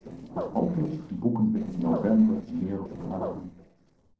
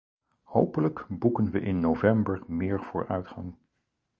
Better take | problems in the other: second | noise reduction (neural separator model SepFormer DNS4)

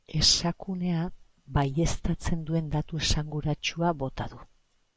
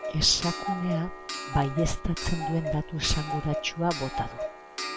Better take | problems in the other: first | background sound (Clock); 6 dB below the speech

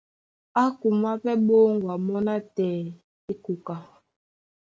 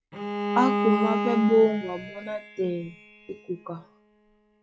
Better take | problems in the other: first | noise reduction (classical method log-MMSE)

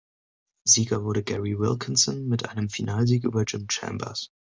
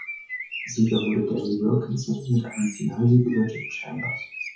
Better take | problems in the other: first | noise reduction (classical method WPE with log-MMSE)

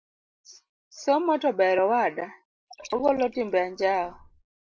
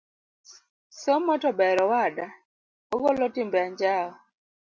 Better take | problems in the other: second | noise reduction (neural mask model Resemble Enhance denoiser)

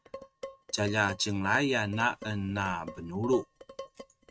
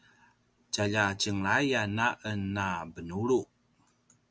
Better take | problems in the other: second | noise reduction (neural mask model RNNoise)

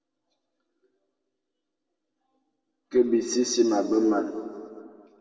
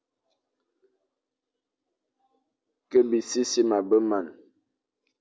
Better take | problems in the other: second | room echo; dies away in 1.9 s

